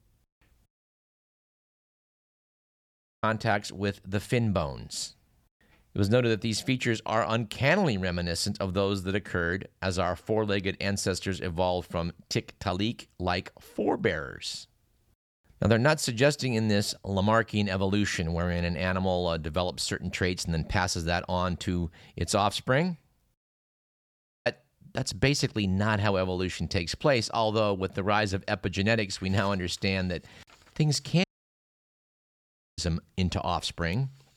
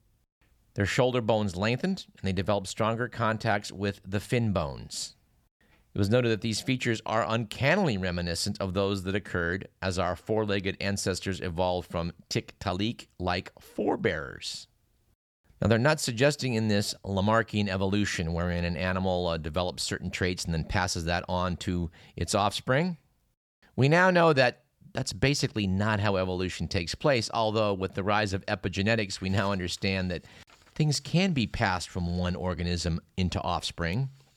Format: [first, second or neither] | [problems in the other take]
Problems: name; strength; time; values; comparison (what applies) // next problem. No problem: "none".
second | audio cutting out; at 0.5 s for 2.5 s, at 23 s for 1 s and at 31 s for 1.5 s